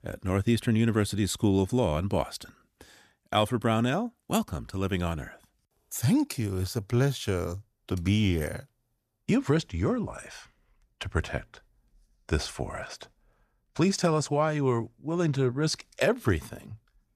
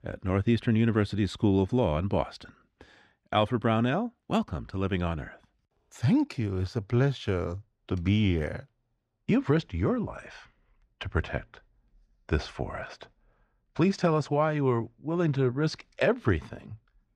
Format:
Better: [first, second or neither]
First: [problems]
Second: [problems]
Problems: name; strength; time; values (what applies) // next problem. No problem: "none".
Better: first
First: none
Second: muffled; slightly; fading above 3.5 kHz